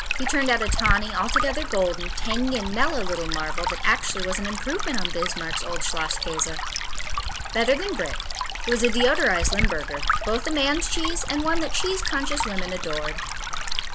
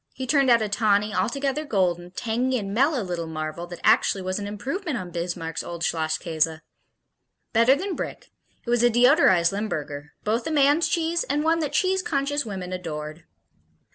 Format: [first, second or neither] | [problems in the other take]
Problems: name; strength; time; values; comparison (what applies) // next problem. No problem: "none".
second | background sound (Stream); 1 dB above the speech